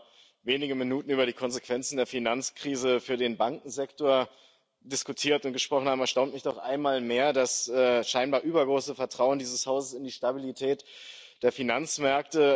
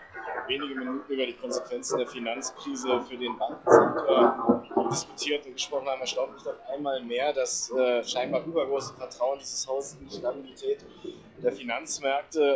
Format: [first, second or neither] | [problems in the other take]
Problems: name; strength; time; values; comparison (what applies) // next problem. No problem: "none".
first | noise reduction (classical method log-MMSE)